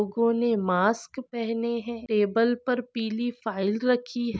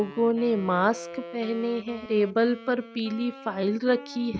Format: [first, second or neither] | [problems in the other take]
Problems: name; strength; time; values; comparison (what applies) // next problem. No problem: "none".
first | background sound (Wind instrument, woodwind instrument); 17 dB below the speech